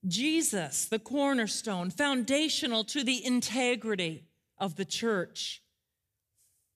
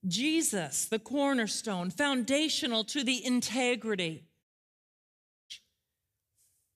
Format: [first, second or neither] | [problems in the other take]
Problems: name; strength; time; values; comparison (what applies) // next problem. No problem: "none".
first | audio cutting out; at 4.5 s for 1 s